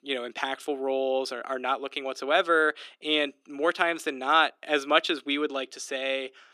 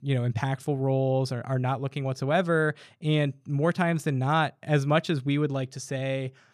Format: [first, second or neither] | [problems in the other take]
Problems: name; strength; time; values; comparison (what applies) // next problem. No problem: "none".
second | thin; very; fading below 300 Hz